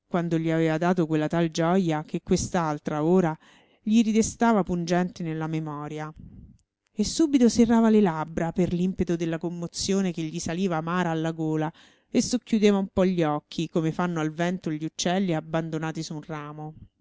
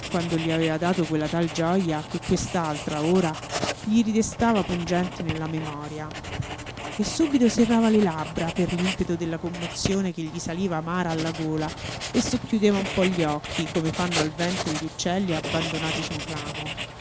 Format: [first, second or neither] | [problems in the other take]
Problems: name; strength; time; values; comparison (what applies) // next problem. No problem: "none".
first | background sound (Writing); 8 dB below the speech